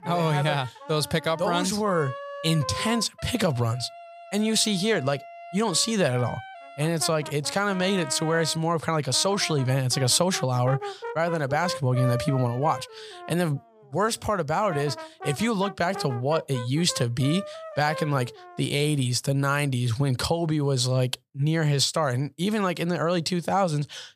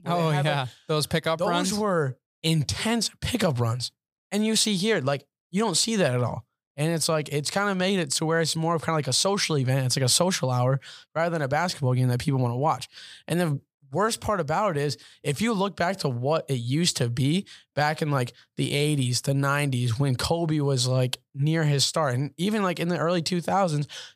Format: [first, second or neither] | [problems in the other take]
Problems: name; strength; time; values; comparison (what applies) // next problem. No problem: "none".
second | background music; noticeable; until 19 s; 15 dB below the speech